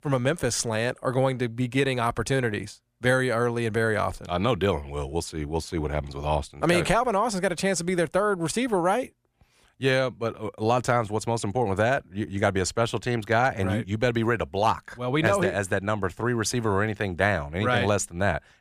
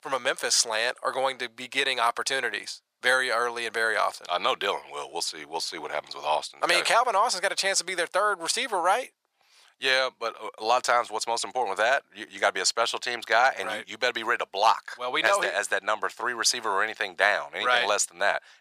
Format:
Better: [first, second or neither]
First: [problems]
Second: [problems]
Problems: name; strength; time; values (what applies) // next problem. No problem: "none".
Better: first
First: none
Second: thin; very; fading below 800 Hz